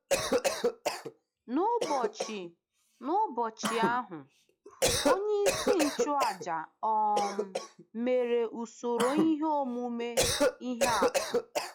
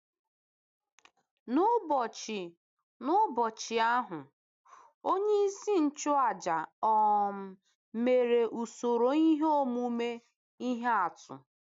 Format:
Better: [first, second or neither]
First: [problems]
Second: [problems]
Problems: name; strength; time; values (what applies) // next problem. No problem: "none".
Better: second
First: noise reduction (classical method log-MMSE)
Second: none